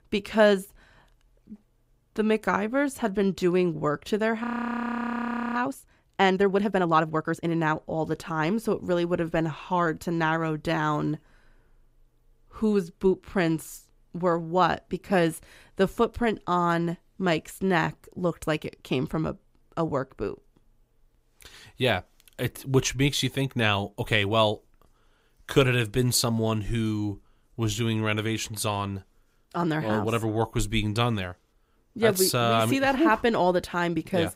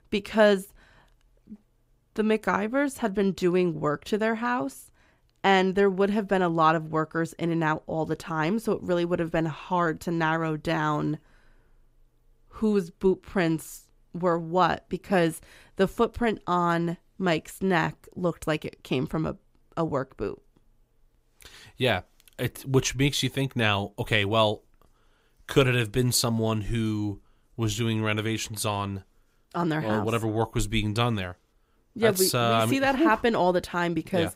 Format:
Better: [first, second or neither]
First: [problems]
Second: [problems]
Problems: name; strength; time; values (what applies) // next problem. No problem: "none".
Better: second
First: audio freezing; at 4.5 s for 1 s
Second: none